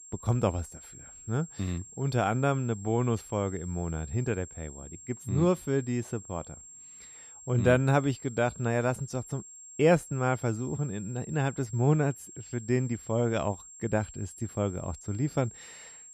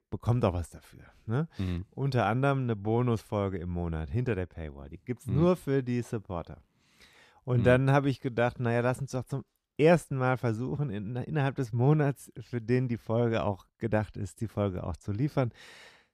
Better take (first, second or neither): second